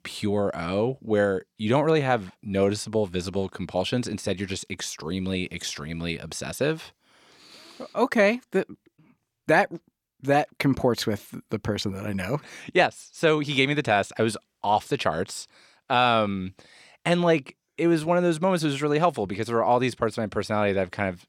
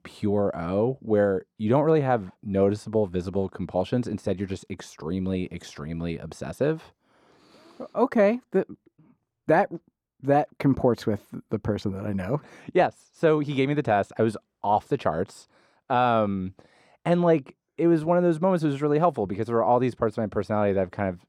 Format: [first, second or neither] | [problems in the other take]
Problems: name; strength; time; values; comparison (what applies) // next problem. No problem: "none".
first | muffled; slightly; fading above 1 kHz